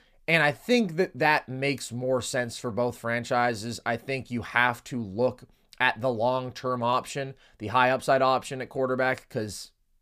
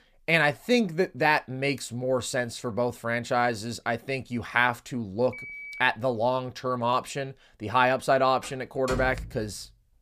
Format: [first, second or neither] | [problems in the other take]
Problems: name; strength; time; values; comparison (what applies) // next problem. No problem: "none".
first | phone ringing; faint; at 5.5 s; peak 10 dB below the speech // door banging; noticeable; from 8.5 to 9.5 s; peak 8 dB below the speech